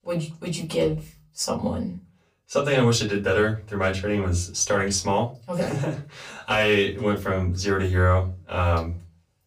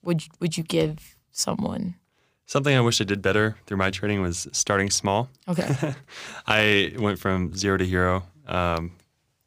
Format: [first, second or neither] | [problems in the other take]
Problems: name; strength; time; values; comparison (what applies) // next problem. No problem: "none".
second | off-mic speech; far // room echo; very slight; dies away in 0.2 s